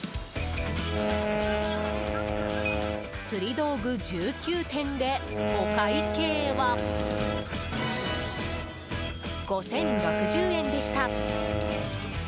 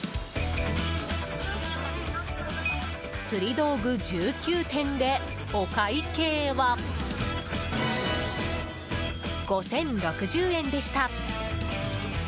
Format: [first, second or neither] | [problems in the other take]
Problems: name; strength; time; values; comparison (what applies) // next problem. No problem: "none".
second | background sound (Wind instrument, woodwind instrument); 2 dB below the speech